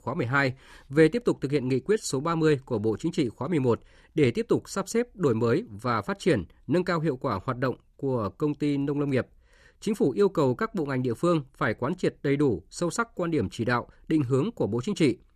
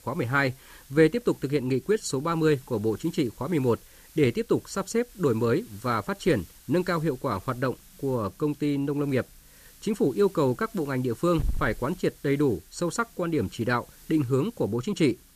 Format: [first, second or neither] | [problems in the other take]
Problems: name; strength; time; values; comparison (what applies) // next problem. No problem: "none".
first | hiss; faint; throughout; 20 dB below the speech